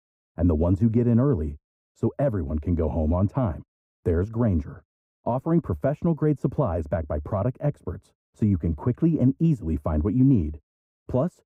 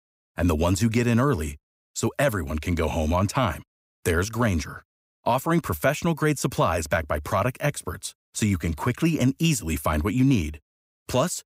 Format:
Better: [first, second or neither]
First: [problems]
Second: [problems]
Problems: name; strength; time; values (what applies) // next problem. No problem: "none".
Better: second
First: muffled; very; fading above 1.5 kHz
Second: none